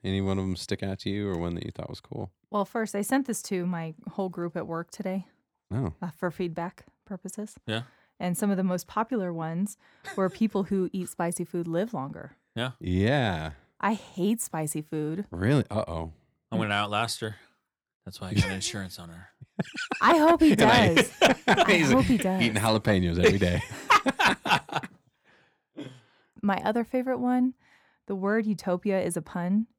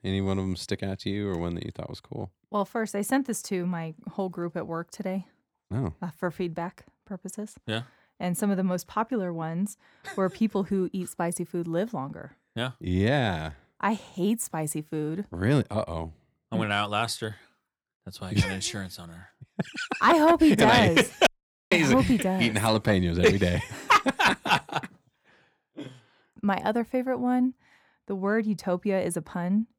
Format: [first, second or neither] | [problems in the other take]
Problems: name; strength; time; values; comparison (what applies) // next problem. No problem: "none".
first | audio cutting out; at 21 s